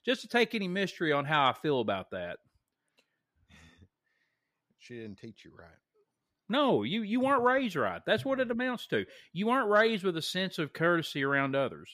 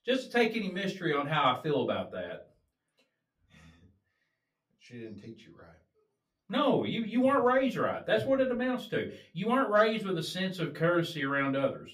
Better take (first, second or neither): first